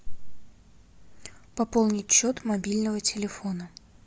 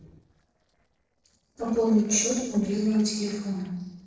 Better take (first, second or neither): first